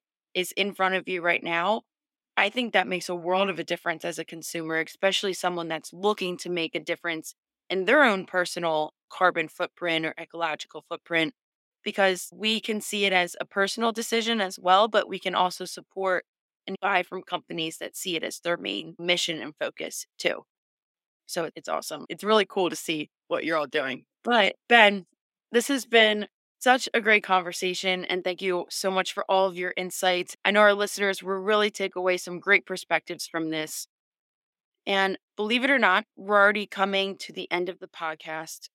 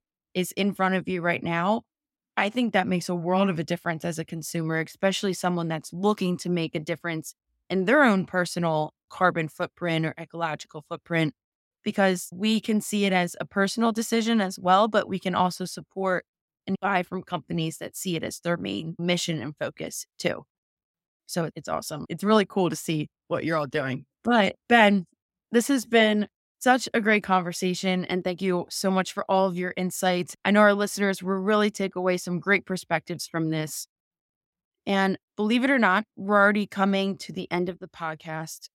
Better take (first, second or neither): second